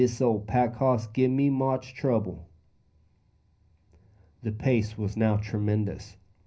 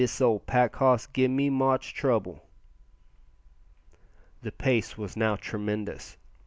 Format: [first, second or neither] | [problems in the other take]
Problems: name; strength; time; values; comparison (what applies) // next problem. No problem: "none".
second | room echo; dies away in 0.5 s